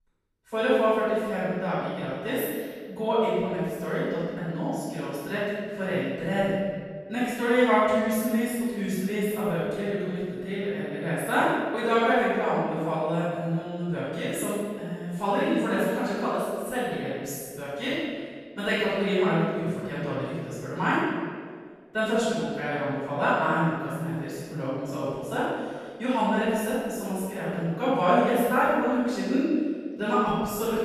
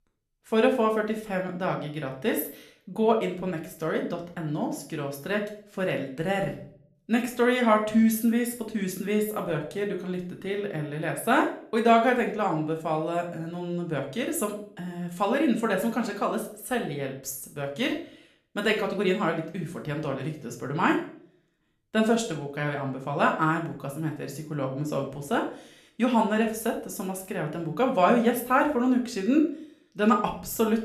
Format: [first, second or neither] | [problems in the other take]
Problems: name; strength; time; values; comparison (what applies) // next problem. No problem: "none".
second | room echo; strong; dies away in 1.6 s; slight in the second // off-mic speech; far; somewhat distant in the second